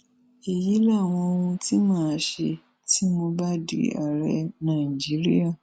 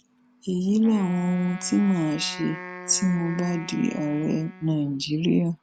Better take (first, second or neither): first